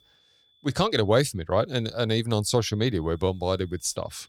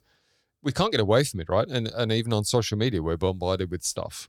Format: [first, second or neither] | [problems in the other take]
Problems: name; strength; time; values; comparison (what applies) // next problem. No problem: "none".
second | high-pitched whine; faint; until 1 s and from 2.5 s on; 3.5 kHz, 35 dB below the speech